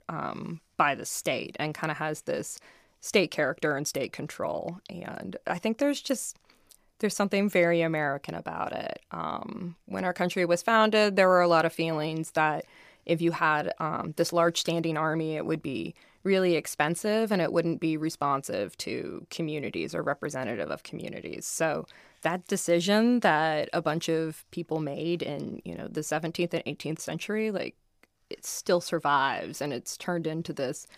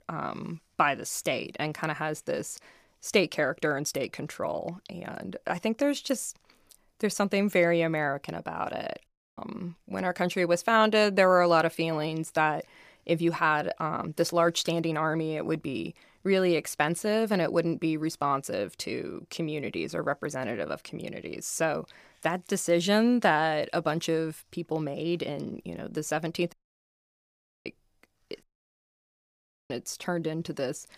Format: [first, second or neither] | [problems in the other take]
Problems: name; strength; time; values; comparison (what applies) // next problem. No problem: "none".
first | audio cutting out; at 9 s, at 27 s for 1 s and at 28 s for 1.5 s